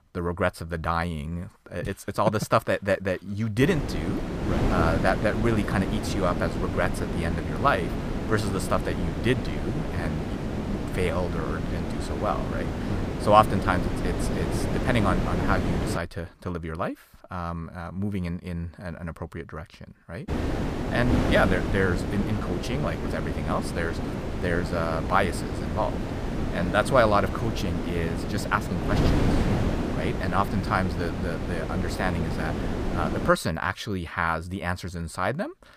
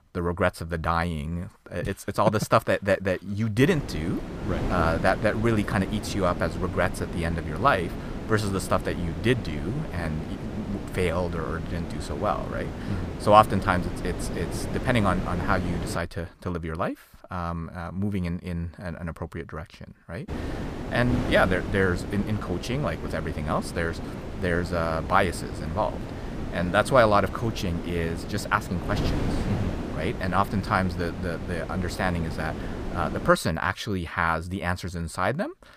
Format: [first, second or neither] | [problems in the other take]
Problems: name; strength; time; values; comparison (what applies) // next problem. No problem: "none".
second | wind noise on the microphone; heavy; from 3.5 to 16 s and from 20 to 33 s; 6 dB below the speech; occasional gusts in the second